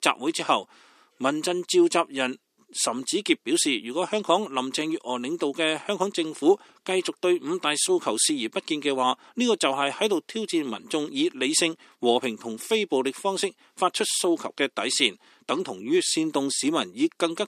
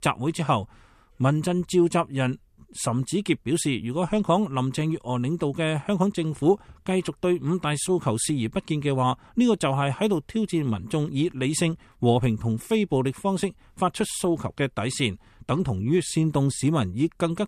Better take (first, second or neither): second